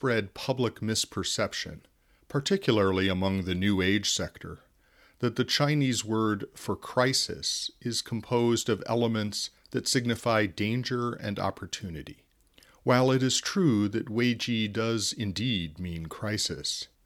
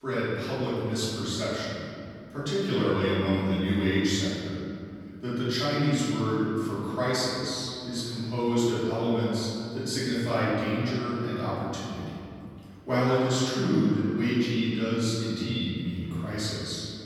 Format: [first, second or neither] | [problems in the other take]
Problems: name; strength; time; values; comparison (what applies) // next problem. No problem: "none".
first | off-mic speech; far // room echo; strong; dies away in 2.6 s